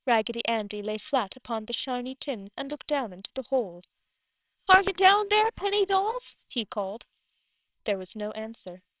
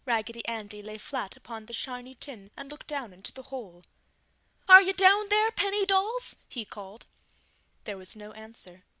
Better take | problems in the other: second | noise reduction (neural separator model SepFormer WHAMR!)

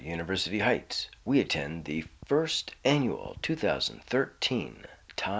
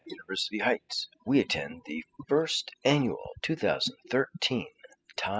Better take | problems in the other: first | noise reduction (classical method spectral subtraction)

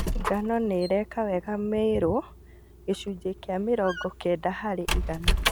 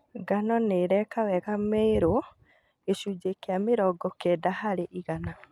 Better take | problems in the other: second | background sound (Squeak); 4 dB below the speech

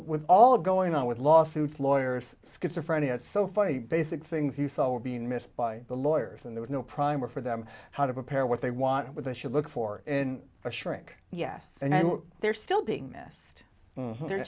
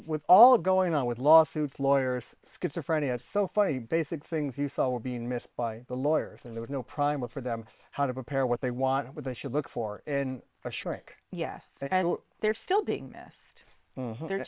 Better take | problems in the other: first | noise reduction (neural separator model SepFormer WHAM!)

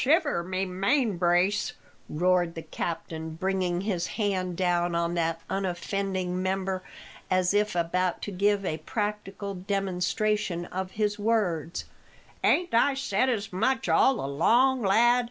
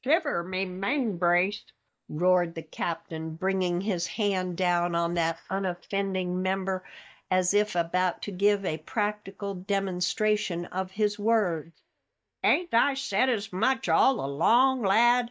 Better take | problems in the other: first | noise reduction (neural mask model DeepFilterNet 3)

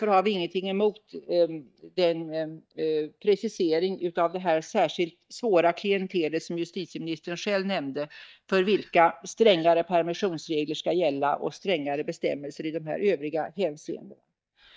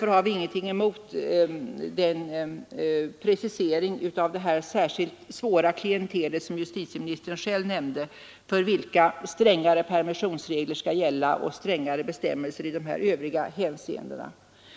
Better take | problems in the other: second | noise reduction (neural mask model DeepFilterNet 3)

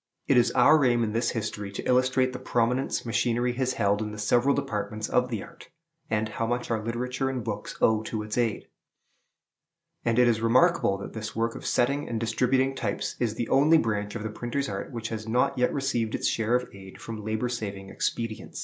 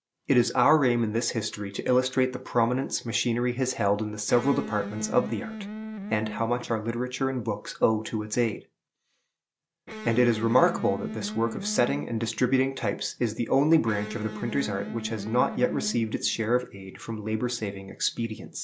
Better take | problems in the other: first | background sound (Electric guitar); 10 dB below the speech

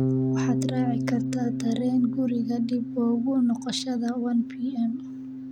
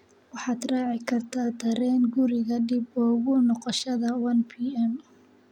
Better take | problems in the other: second | background sound (Bass guitar); 3 dB below the speech

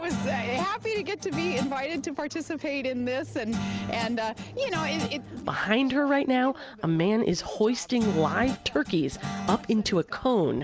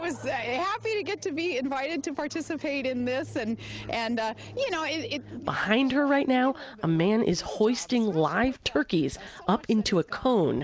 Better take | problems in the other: second | background sound (Guitar); 8 dB below the speech

